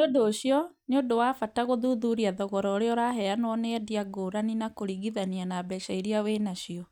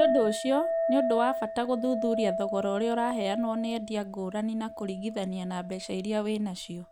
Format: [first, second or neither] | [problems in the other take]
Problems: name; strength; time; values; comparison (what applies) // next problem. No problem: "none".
first | background sound (Chink, clink); 4 dB below the speech